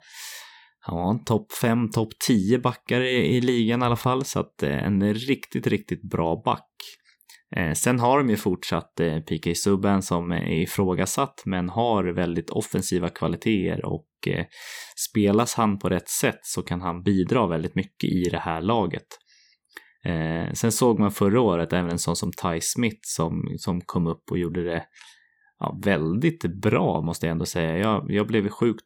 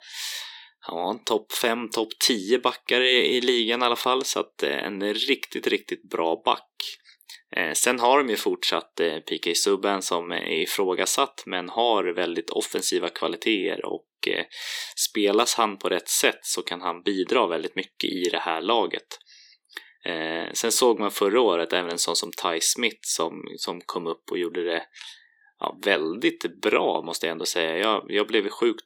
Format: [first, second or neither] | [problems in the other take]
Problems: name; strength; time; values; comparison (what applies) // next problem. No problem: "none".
first | thin; somewhat; fading below 350 Hz